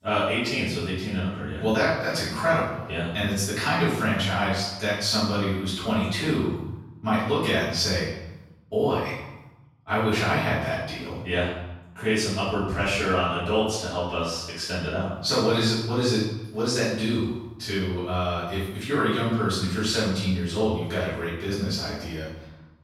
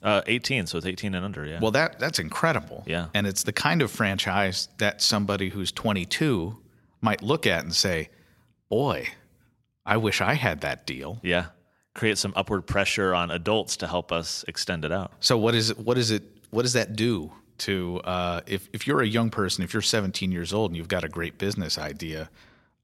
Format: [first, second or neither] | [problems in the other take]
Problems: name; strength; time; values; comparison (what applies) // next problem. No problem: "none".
second | off-mic speech; far // room echo; strong; dies away in 0.9 s